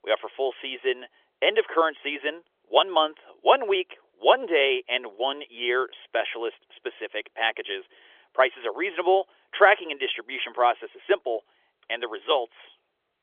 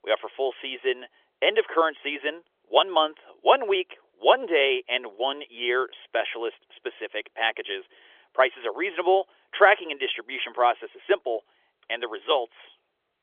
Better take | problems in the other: neither | phone-call audio; nothing above 3.5 kHz; the same in both

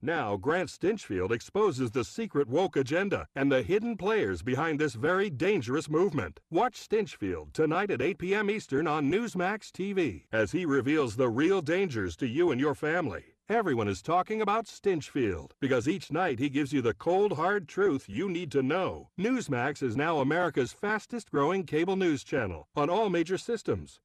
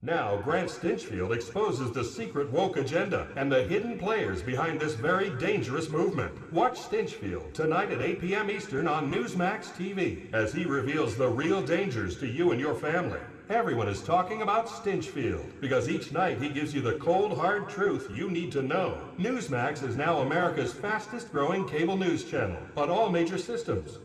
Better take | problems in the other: first | room echo; slight; dies away in 2.6 s

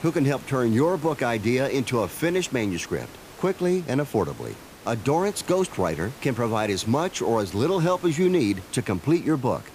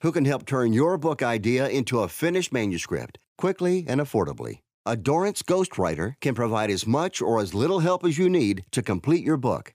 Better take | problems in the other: second | hiss; noticeable; throughout; 20 dB below the speech

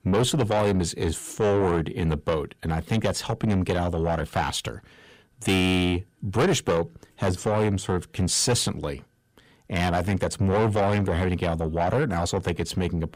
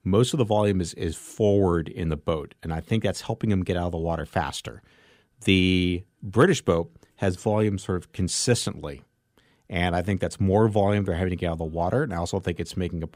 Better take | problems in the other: second | distortion; heavy; 7 dB below the speech

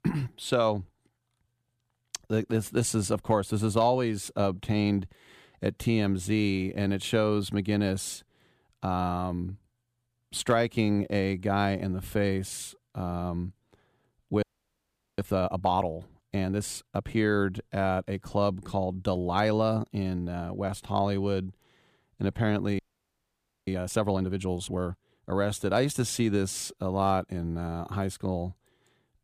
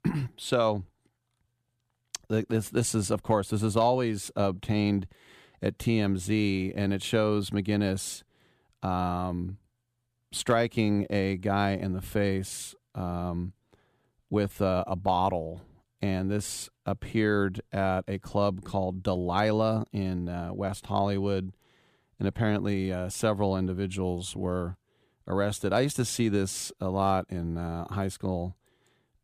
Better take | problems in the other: second | audio freezing; at 14 s for 1 s and at 23 s for 1 s

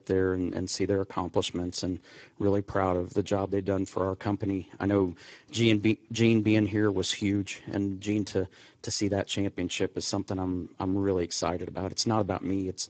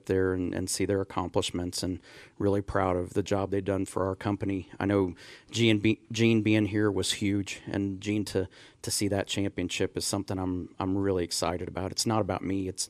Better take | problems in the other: second | garbled, watery; badly; nothing above 7.5 kHz

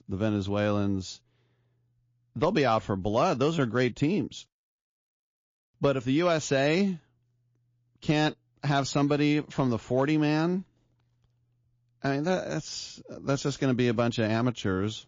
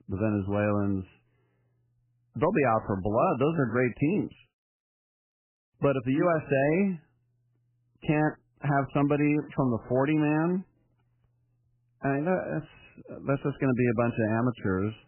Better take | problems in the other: first | garbled, watery; badly; nothing above 2.5 kHz; slightly in the first

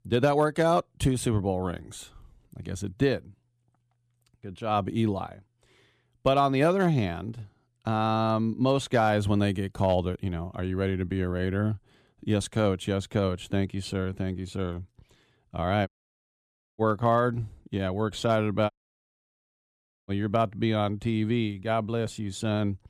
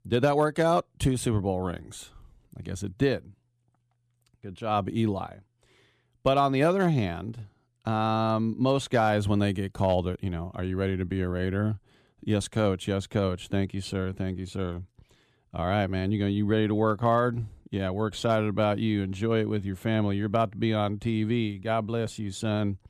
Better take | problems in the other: second | audio cutting out; at 16 s for 1 s and at 19 s for 1.5 s

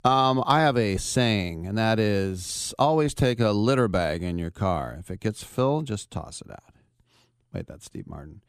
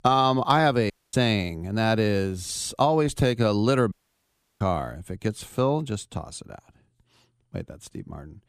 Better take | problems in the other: first | audio cutting out; at 1 s and at 4 s for 0.5 s

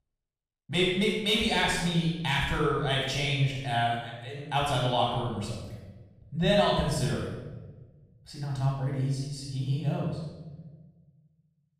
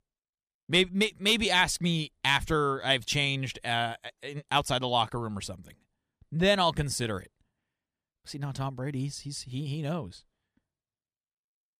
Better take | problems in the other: second | off-mic speech; far // room echo; strong; dies away in 1.1 s

